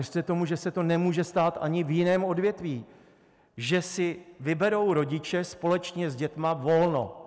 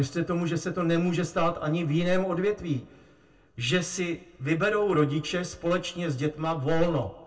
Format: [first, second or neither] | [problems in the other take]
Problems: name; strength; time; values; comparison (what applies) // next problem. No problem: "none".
first | room echo; dies away in 0.2 s